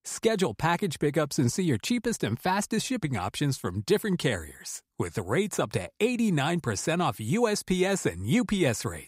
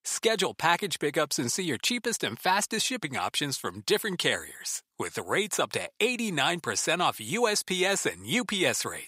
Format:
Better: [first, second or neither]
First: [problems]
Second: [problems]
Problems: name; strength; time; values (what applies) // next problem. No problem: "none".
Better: first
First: none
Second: thin; somewhat; fading below 750 Hz